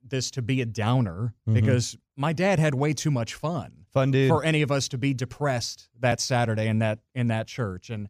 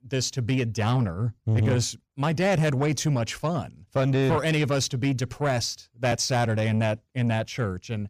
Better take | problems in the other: first | distortion; slight; 10 dB below the speech

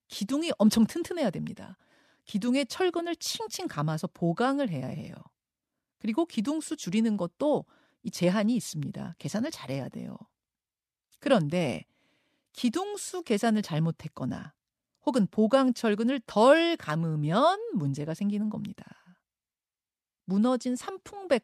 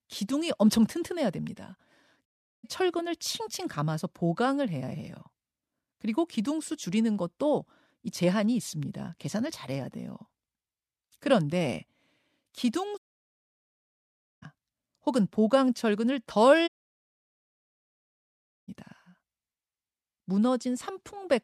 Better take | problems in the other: first | audio cutting out; at 2.5 s, at 13 s for 1.5 s and at 17 s for 2 s

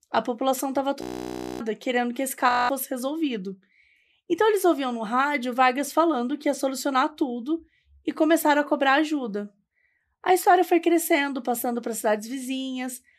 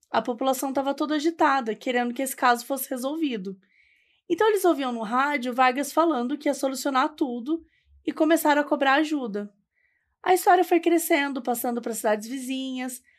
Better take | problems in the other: second | audio freezing; at 1 s for 0.5 s and at 2.5 s

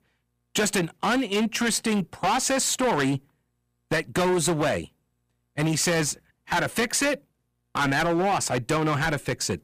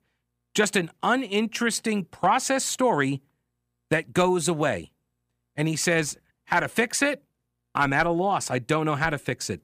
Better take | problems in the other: second | distortion; heavy; 16% of the sound clipped

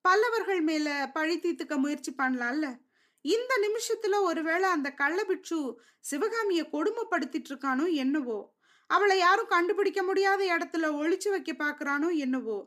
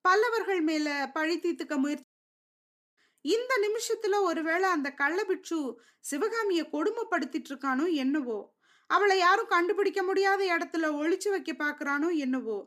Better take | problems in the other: first | audio cutting out; at 2 s for 1 s

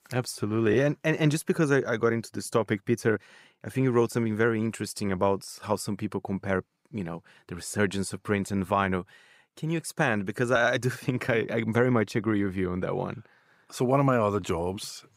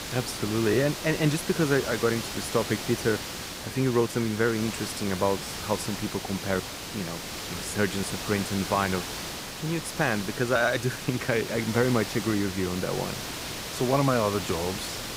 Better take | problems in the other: first | hiss; loud; throughout; 6 dB below the speech

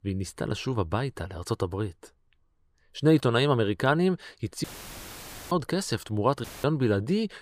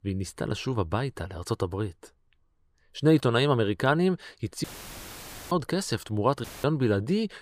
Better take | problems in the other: neither | audio cutting out; filled with static; at 4.5 s for 1 s and at 6.5 s; the same in both

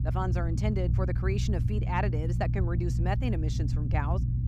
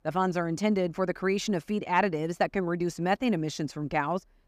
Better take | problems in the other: second | low rumble; loud; throughout; 7 dB below the speech

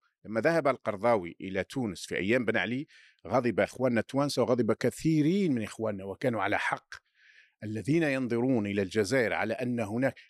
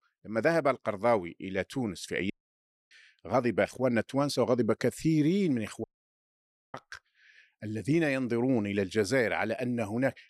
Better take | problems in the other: first | audio cutting out; at 2.5 s for 0.5 s and at 6 s for 1 s

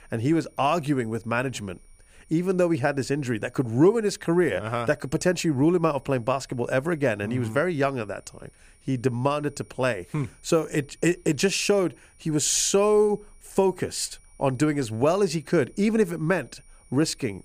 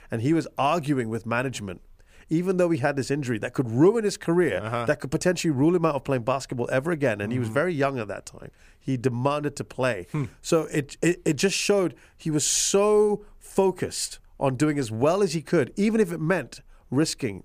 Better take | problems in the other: second | high-pitched whine; faint; throughout; 9.5 kHz, 35 dB below the speech

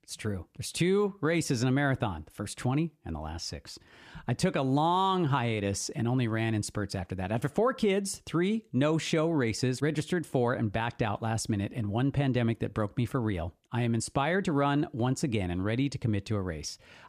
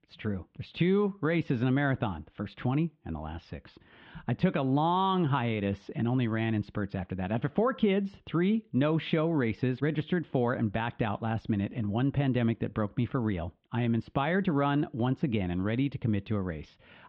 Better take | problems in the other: first | muffled; very; fading above 3.5 kHz

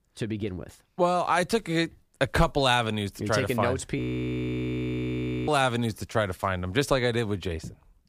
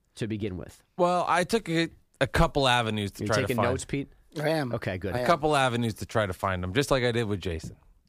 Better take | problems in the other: second | audio freezing; at 4 s for 1.5 s

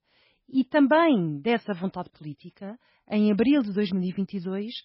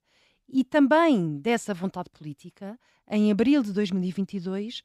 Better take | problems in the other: second | garbled, watery; badly; nothing above 5.5 kHz

